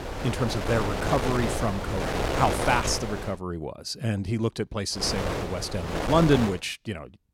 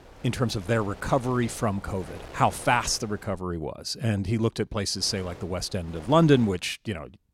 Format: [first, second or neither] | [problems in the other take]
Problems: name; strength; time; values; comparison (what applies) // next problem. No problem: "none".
second | wind noise on the microphone; heavy; until 3.5 s and from 5 to 6.5 s; 2 dB below the speech; occasional gusts in the second